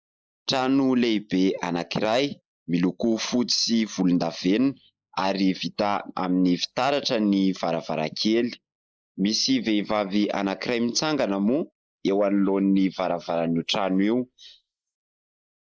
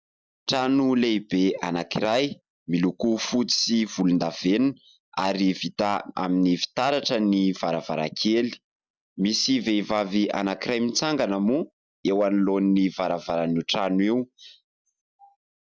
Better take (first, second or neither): second